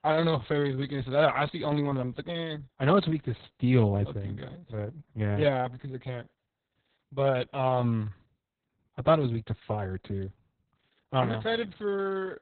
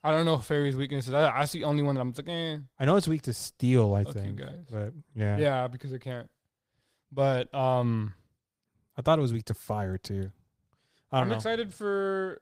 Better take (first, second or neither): second